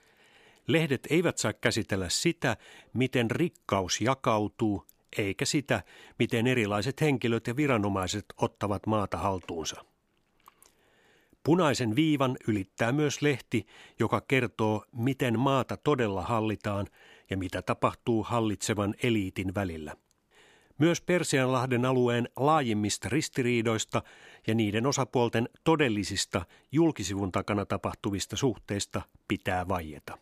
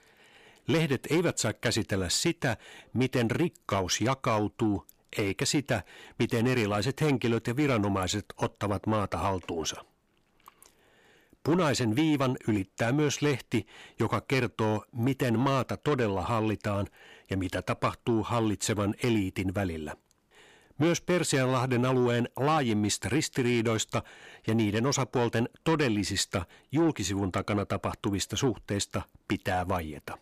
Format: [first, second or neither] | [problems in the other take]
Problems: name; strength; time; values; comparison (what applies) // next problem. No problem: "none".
first | distortion; slight; 10 dB below the speech